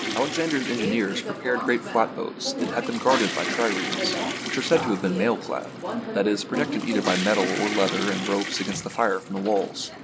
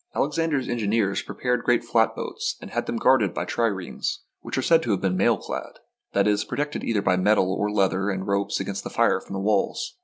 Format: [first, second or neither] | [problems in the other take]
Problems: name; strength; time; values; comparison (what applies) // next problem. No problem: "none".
second | background sound (Subway, metro, underground + Toilet flush / Water); 4 dB below the speech